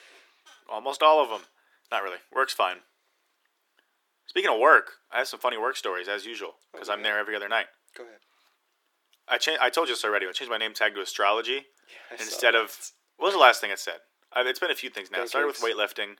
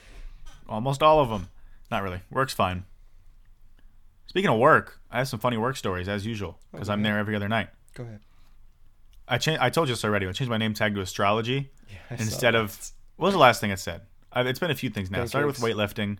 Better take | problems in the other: second | thin; very; fading below 350 Hz

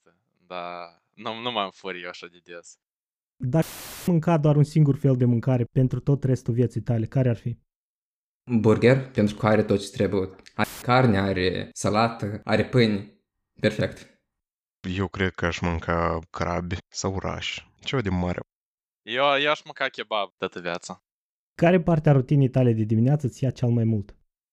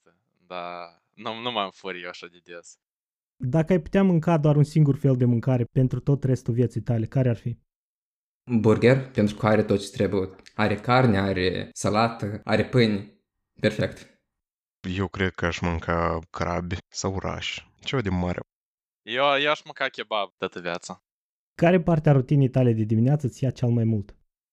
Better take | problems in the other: second | audio cutting out; filled with static; at 3.5 s and at 11 s

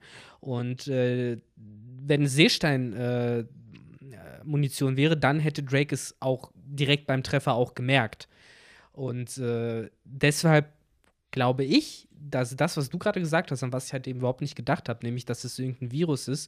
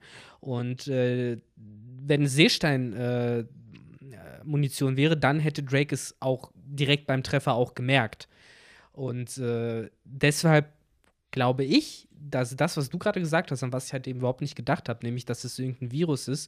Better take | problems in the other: neither | none

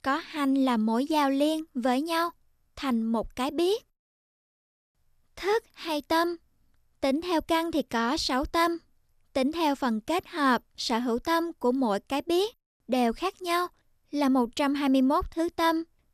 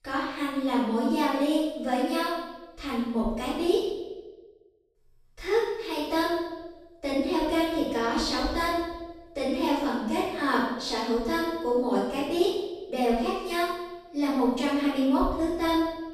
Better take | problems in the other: first | off-mic speech; far // room echo; strong; dies away in 1.1 s

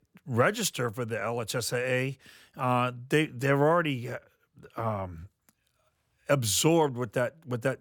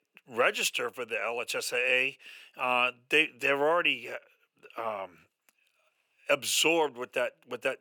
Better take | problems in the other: first | thin; somewhat; fading below 450 Hz

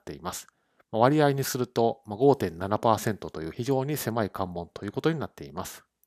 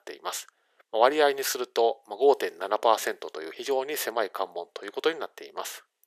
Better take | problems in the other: first | thin; very; fading below 450 Hz

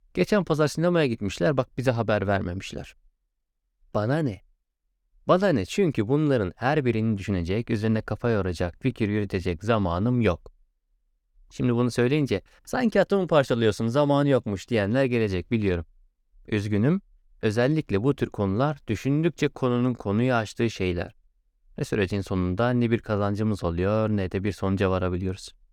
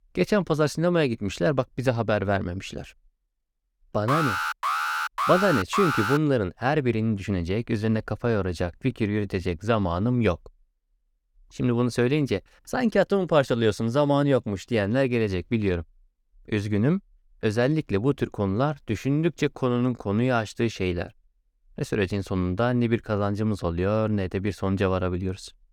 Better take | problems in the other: first | alarm; noticeable; from 4 to 6 s; peak level with the speech

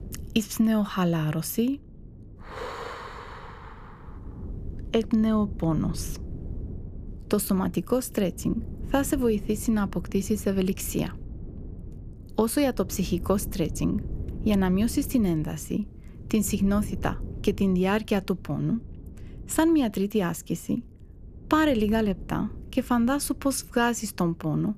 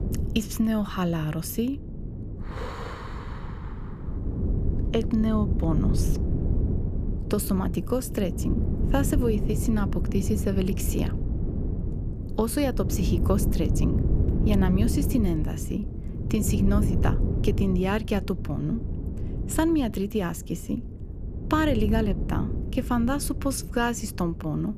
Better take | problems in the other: first | wind noise on the microphone; heavy; 8 dB below the speech; occasional gusts in the first

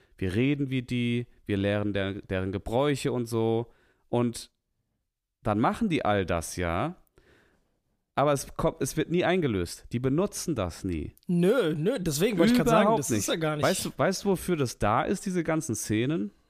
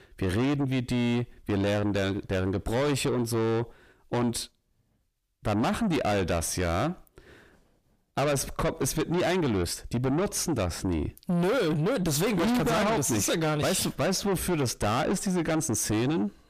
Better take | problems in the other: first | distortion; heavy; 6 dB below the speech

